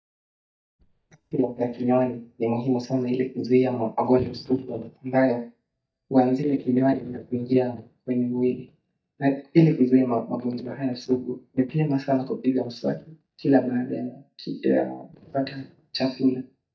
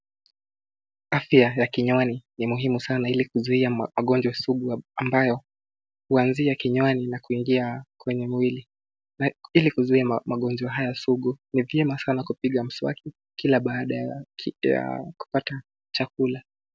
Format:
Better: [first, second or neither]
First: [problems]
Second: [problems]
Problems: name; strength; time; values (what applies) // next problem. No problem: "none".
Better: second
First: noise reduction (neural mask model DeepFilterNet 3)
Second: none